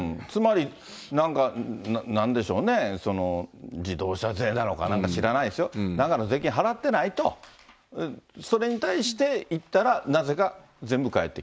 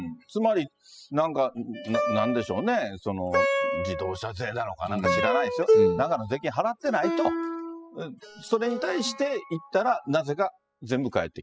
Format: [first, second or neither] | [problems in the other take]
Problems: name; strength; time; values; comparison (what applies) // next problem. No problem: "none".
first | noise reduction (classical method spectral subtraction)